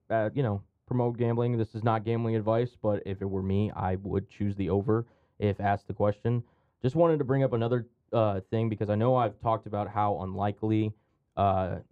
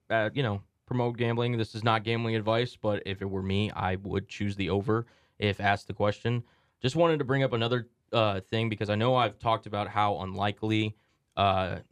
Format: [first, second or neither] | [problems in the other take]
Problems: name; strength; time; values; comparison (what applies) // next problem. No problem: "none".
second | muffled; slightly; fading above 1.5 kHz